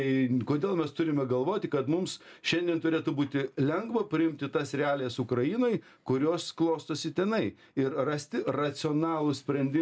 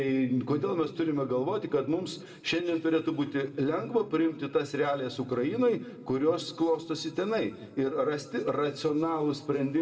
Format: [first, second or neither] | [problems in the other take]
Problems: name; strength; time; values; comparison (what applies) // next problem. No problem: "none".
first | room echo; dies away in 1.4 s